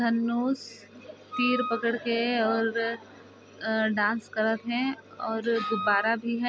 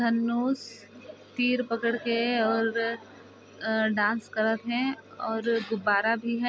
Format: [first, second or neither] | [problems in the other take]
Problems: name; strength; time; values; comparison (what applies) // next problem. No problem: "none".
second | background sound (Wind instrument, woodwind instrument); 7 dB below the speech